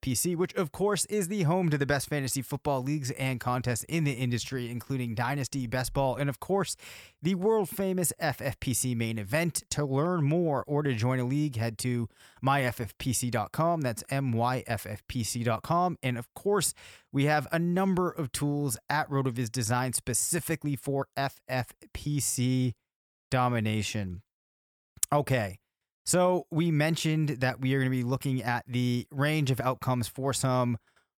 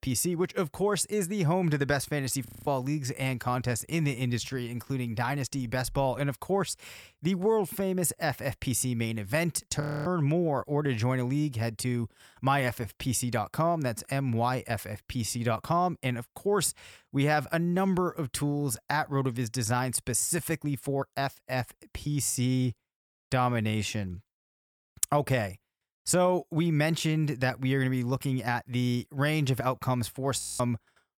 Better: first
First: none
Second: audio freezing; at 2.5 s, at 10 s and at 30 s

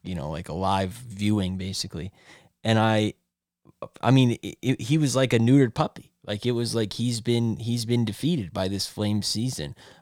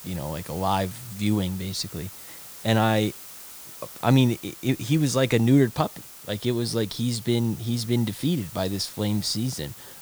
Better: first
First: none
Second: hiss; noticeable; throughout; 15 dB below the speech

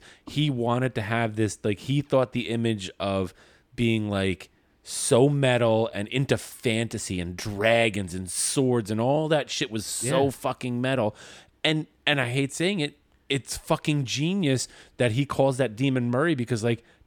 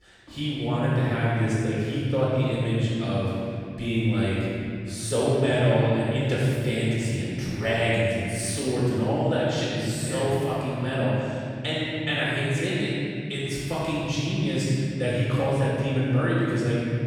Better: first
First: none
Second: room echo; strong; dies away in 3 s // off-mic speech; far

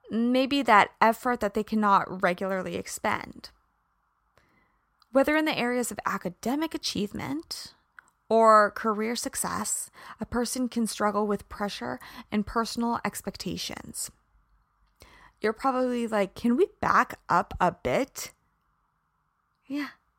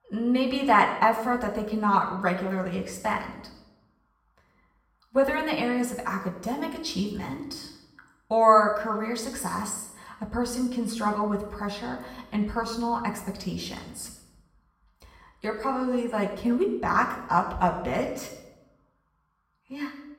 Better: first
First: none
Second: off-mic speech; far // room echo; slight; dies away in 0.8 s

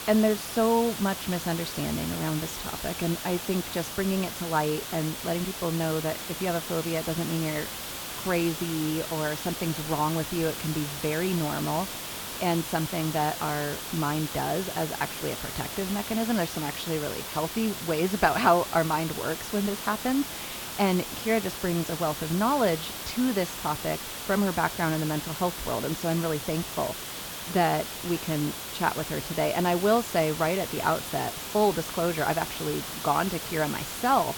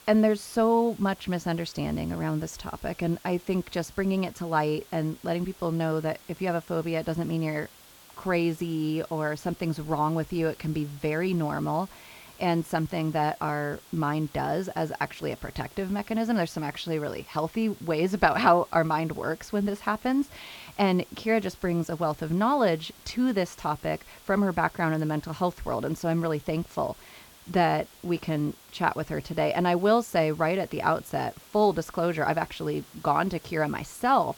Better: second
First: hiss; loud; throughout; 6 dB below the speech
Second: hiss; faint; throughout; 20 dB below the speech

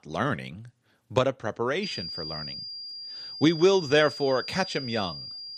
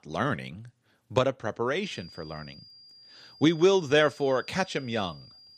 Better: second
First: high-pitched whine; loud; from 2 s on; 5 kHz, 10 dB below the speech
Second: high-pitched whine; faint; from 2 s on; 5 kHz, 25 dB below the speech

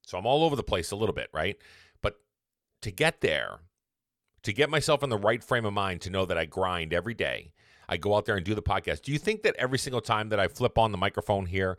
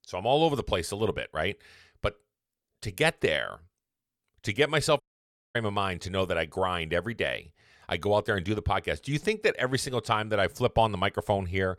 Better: first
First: none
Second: audio cutting out; at 5 s for 0.5 s

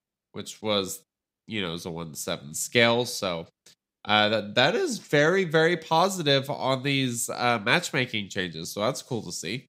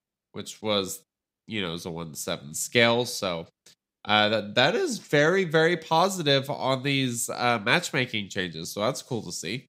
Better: neither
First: none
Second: none

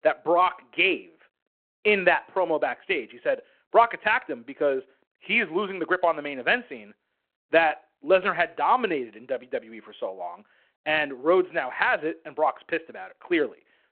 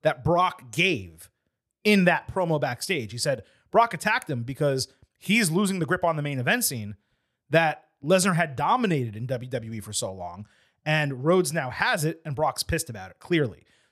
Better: second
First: phone-call audio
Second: none

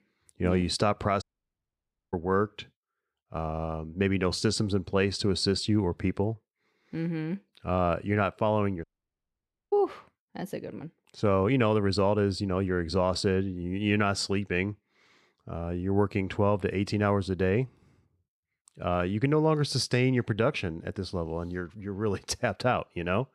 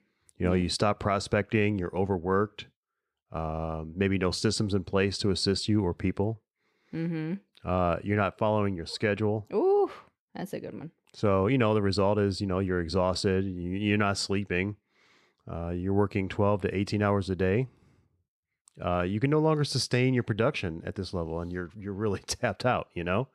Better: second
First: audio cutting out; at 1 s for 1 s and at 9 s for 1 s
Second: none

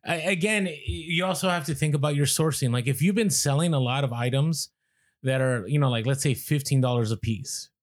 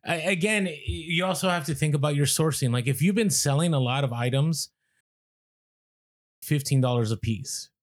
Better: first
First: none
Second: audio cutting out; at 5 s for 1.5 s

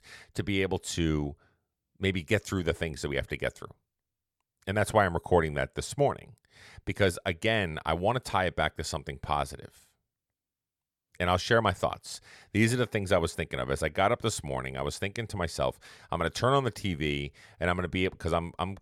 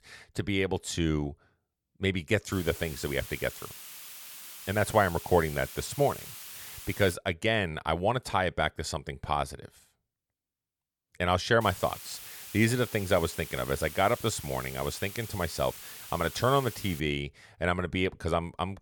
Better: first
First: none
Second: hiss; noticeable; from 2.5 to 7 s and from 12 to 17 s; 15 dB below the speech

